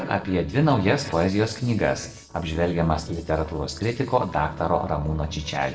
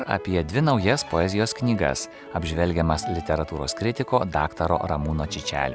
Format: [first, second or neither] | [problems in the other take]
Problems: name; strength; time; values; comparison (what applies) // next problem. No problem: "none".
second | noise reduction (neural separator model SepFormer DNS4)